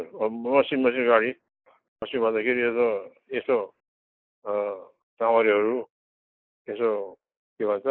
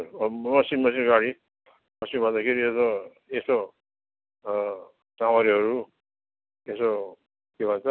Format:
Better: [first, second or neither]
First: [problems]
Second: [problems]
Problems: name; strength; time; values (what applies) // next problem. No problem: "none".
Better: second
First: noise reduction (neural mask model Resemble Enhance denoiser)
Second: none